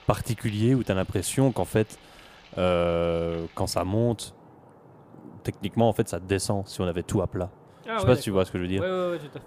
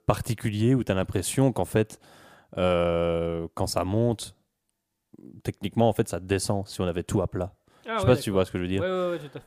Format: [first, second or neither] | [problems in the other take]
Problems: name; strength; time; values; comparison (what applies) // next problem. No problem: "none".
second | rain or running water; faint; throughout; 25 dB below the speech